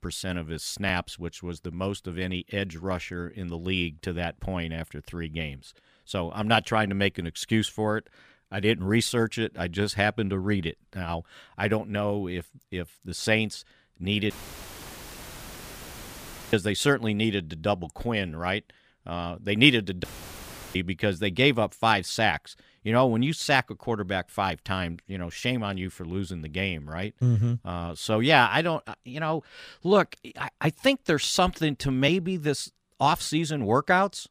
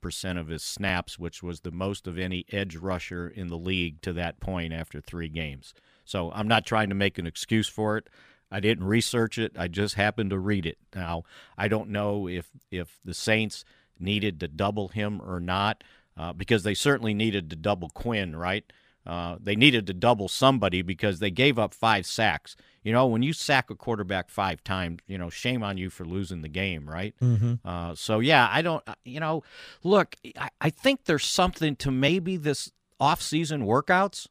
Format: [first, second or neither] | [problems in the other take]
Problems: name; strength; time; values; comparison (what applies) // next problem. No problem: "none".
second | audio cutting out; filled with static; at 14 s for 2 s and at 20 s for 0.5 s